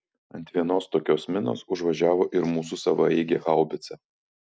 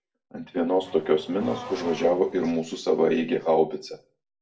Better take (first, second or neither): first